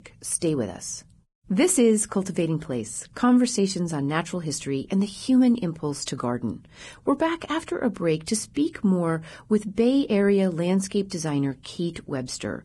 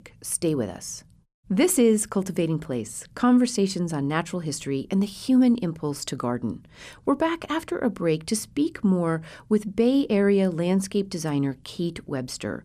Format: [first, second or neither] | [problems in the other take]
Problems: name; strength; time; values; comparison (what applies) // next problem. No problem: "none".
second | garbled, watery; badly; nothing above 10.5 kHz